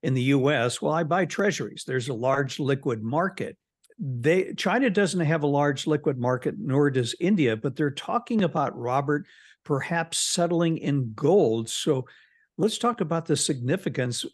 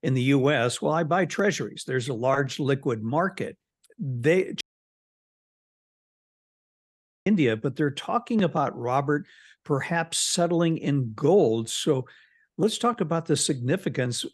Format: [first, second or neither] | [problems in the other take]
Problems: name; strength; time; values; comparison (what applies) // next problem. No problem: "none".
first | audio cutting out; at 4.5 s for 2.5 s